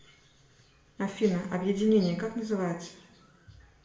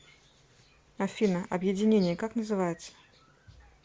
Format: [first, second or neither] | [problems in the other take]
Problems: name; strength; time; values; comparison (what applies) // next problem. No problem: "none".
second | room echo; dies away in 0.8 s